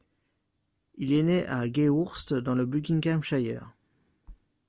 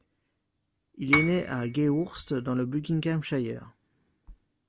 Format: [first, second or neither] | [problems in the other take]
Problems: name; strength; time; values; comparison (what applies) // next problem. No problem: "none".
first | background sound (Piano); 3 dB below the speech